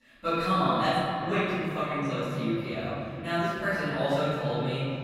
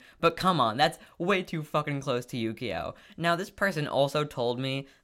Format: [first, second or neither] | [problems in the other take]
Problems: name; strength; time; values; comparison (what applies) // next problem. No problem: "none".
second | off-mic speech; far // room echo; strong; dies away in 3 s